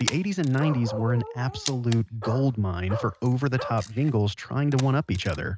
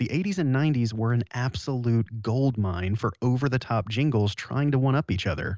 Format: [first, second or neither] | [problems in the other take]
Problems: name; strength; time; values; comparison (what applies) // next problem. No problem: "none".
second | noise reduction (neural mask model RNNoise)